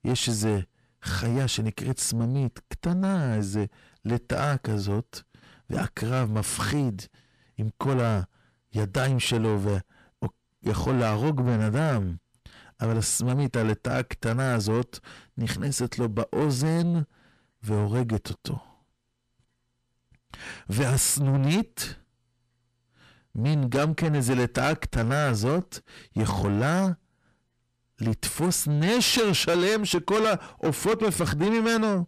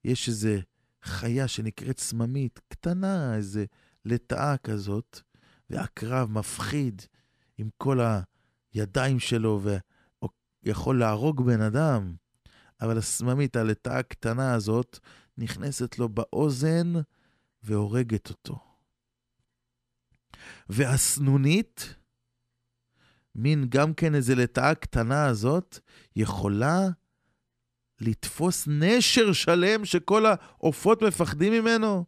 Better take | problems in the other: second | distortion; heavy; 7 dB below the speech

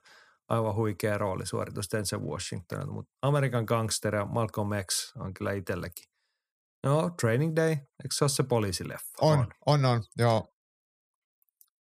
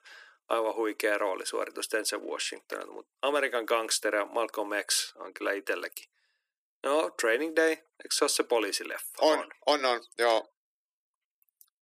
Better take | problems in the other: first | thin; very; fading below 300 Hz

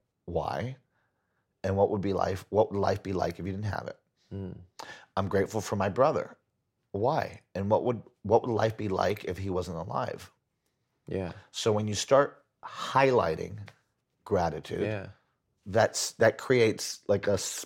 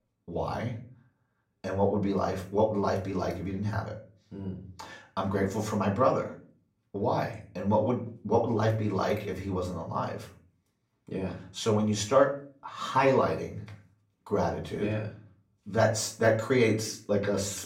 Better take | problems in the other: first | off-mic speech; far // room echo; slight; dies away in 0.4 s

